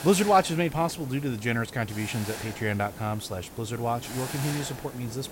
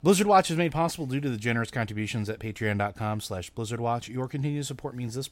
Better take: second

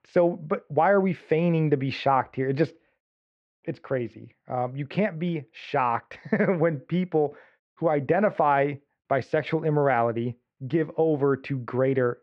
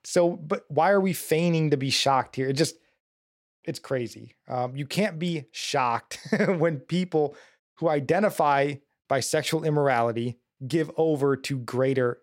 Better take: second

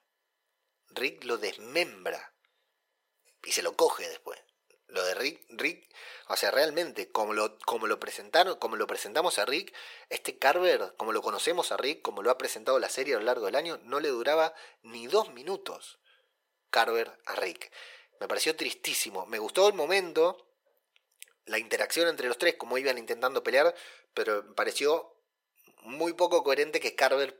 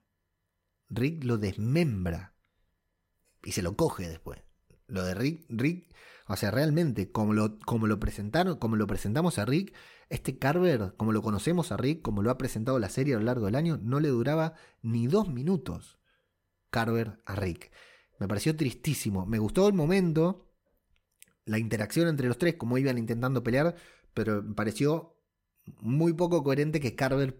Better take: second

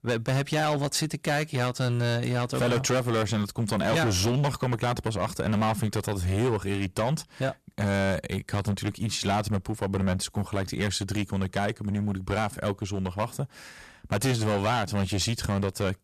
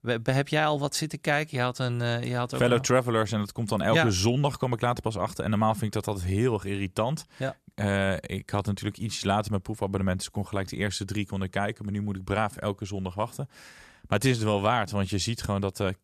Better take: second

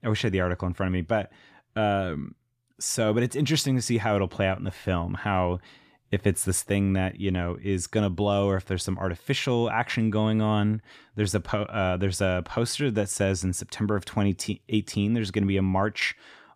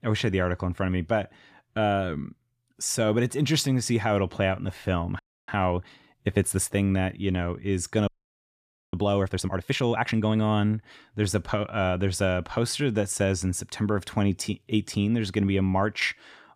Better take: first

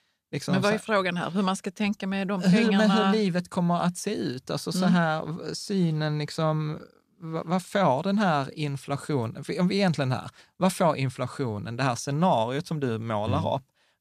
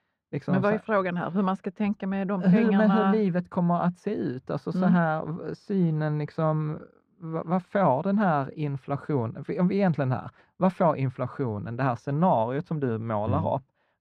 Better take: first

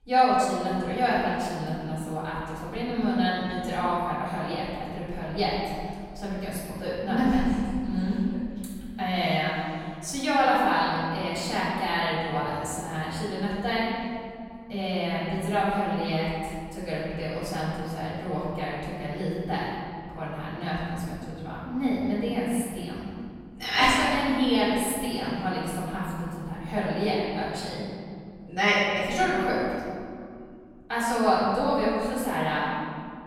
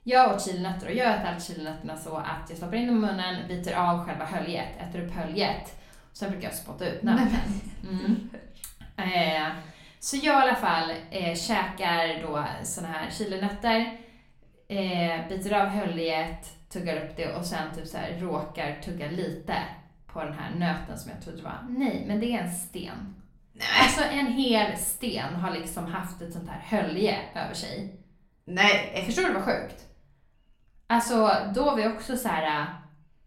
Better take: second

